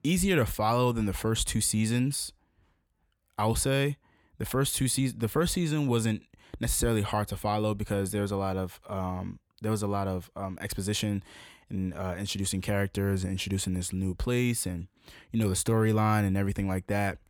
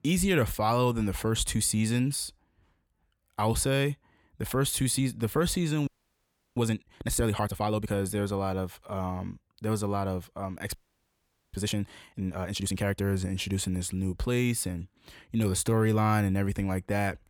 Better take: first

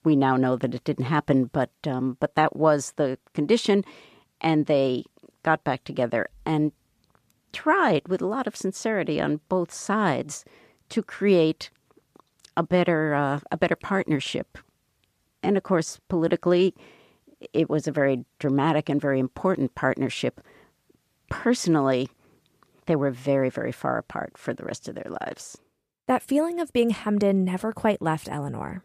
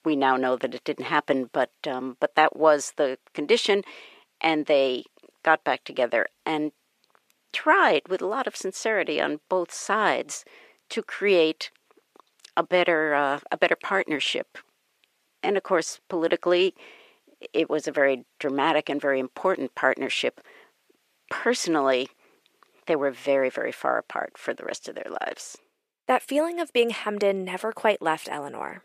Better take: first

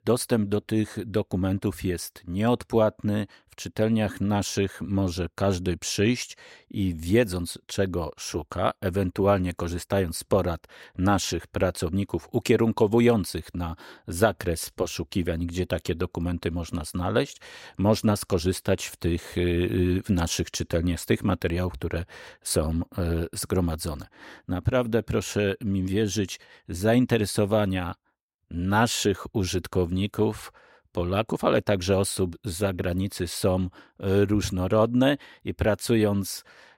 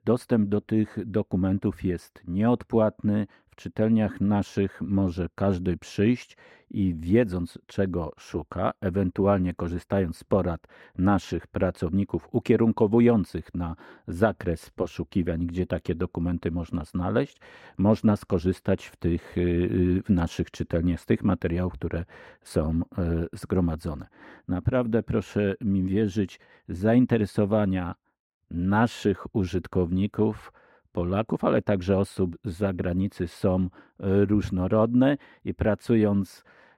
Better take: first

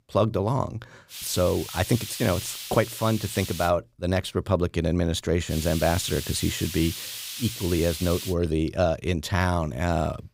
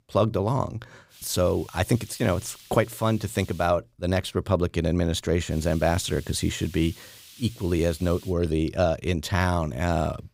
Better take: second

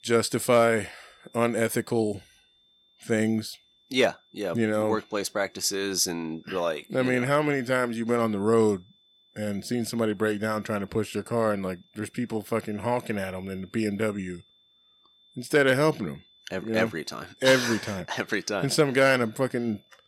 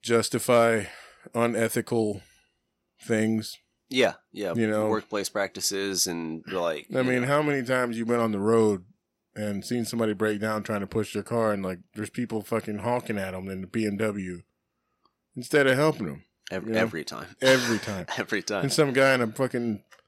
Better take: second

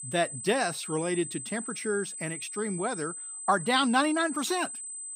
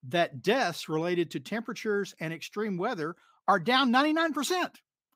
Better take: second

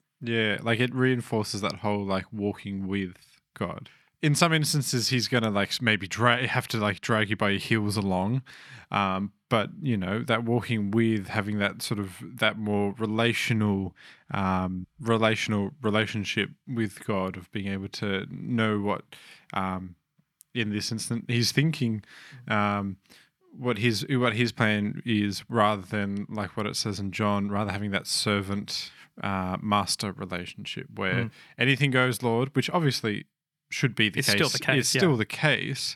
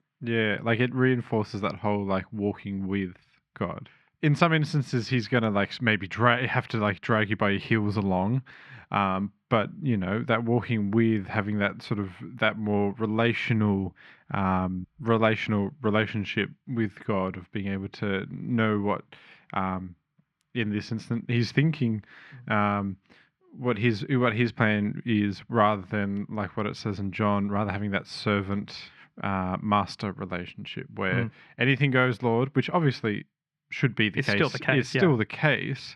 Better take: first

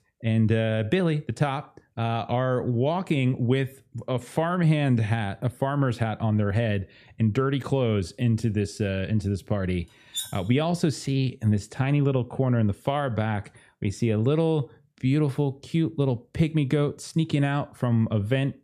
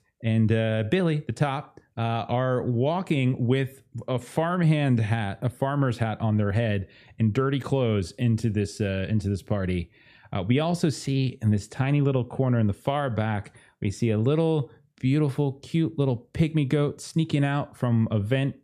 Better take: second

